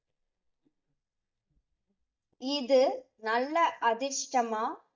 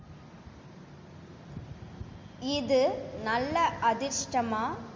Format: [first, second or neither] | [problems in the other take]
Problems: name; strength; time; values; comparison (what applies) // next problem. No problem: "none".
second | noise reduction (neural mask model DeepFilterNet 3)